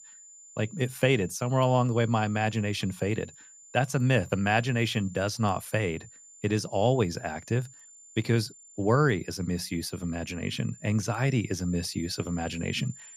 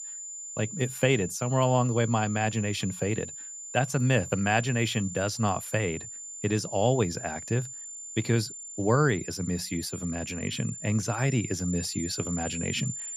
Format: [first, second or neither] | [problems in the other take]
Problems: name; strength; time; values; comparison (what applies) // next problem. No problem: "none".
first | high-pitched whine; loud; throughout; 7 kHz, 9 dB below the speech; faint in the first